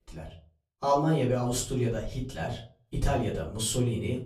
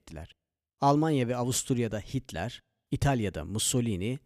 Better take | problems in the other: second | off-mic speech; far // room echo; slight; dies away in 0.3 s

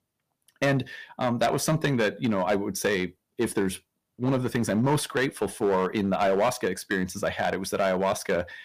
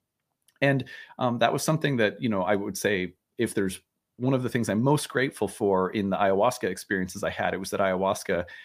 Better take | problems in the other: second | distortion; slight; 6% of the sound clipped

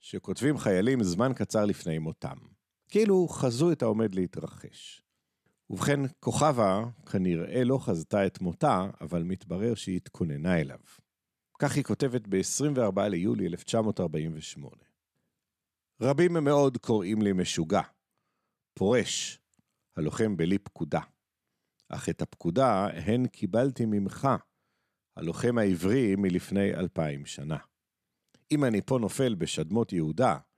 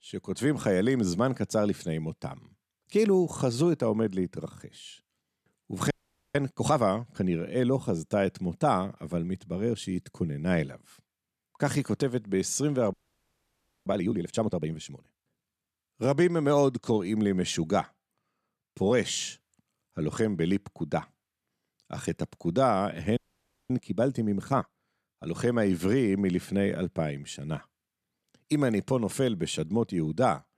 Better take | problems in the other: first | audio freezing; at 6 s, at 13 s for 1 s and at 23 s for 0.5 s

